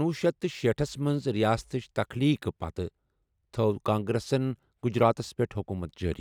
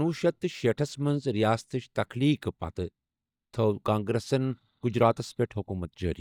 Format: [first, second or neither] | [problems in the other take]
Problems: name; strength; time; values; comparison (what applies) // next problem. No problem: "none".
first | noise reduction (neural mask model DeepFilterNet 3)